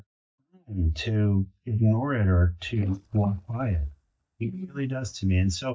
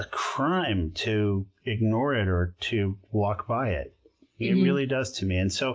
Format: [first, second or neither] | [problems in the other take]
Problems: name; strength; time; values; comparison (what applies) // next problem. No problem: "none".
second | noise reduction (neural mask model DeepFilterNet 3)